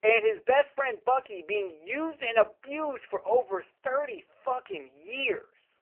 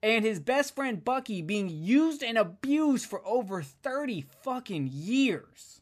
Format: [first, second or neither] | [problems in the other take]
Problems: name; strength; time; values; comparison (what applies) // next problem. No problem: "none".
second | phone-call audio; poor line; nothing above 3 kHz